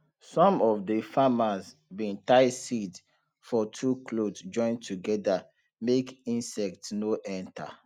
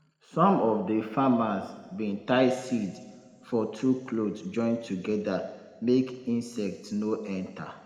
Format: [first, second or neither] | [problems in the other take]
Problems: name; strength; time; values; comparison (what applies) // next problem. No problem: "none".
first | room echo; dies away in 1.8 s